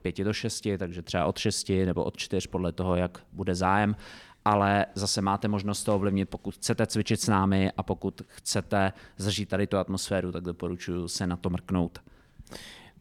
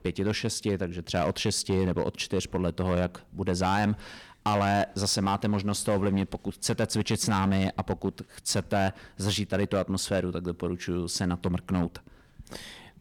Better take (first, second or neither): first